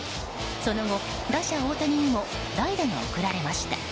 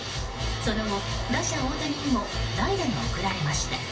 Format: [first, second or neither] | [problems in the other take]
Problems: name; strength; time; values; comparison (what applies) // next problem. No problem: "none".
first | room echo; dies away in 0.2 s